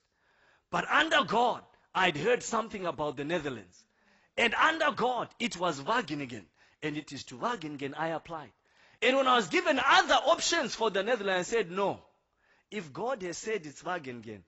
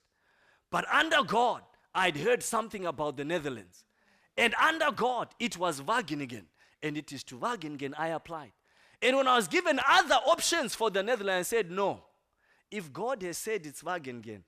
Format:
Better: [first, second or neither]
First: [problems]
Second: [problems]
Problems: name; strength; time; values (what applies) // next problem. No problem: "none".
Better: second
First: garbled, watery; badly; nothing above 7.5 kHz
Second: none